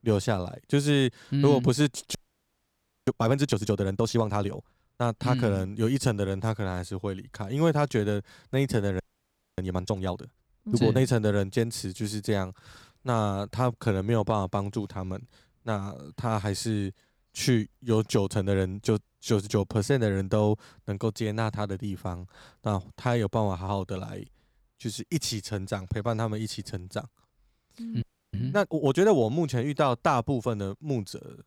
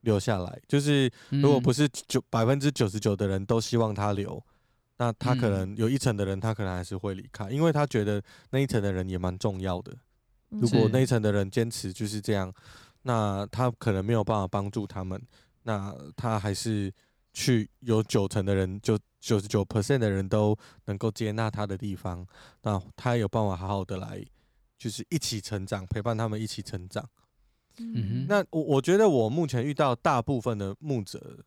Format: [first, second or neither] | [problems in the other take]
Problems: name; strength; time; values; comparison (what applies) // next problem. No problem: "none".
second | audio freezing; at 2 s for 1 s, at 9 s for 0.5 s and at 28 s